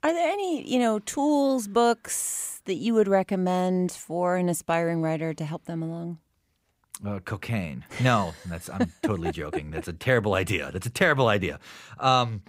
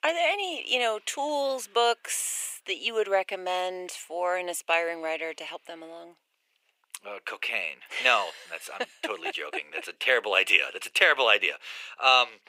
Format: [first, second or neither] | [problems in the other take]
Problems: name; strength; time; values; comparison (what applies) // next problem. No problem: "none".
first | thin; very; fading below 450 Hz